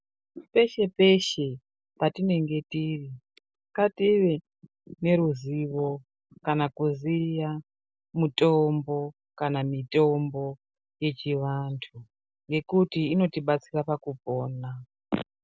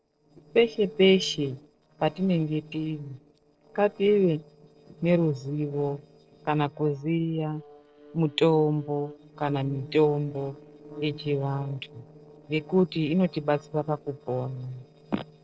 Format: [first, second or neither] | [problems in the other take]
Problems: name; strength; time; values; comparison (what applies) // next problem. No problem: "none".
first | noise reduction (neural separator model SepFormer DNS4)